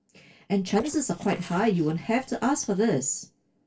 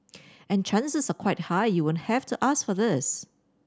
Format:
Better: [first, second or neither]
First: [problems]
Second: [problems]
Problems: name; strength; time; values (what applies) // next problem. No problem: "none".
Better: second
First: noise reduction (neural separator model SepFormer DNS4)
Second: none